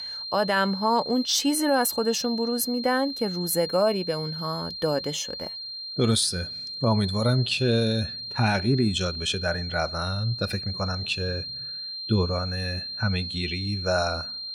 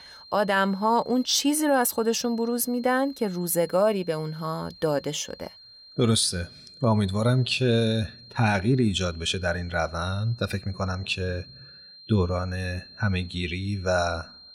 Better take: second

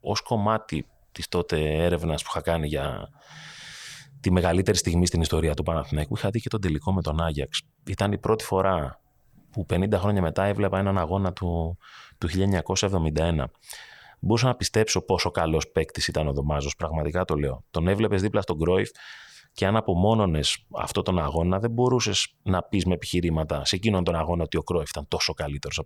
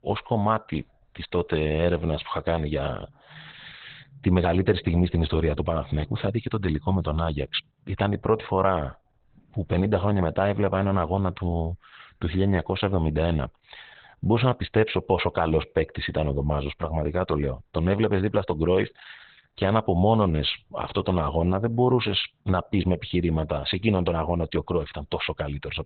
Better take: first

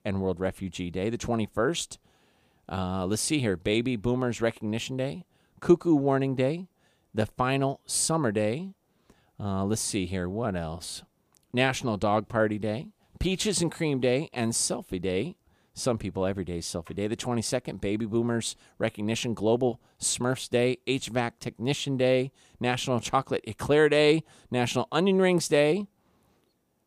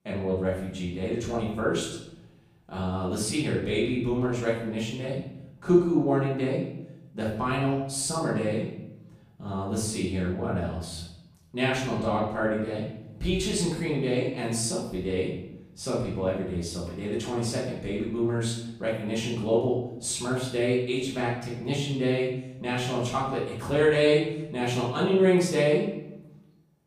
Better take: first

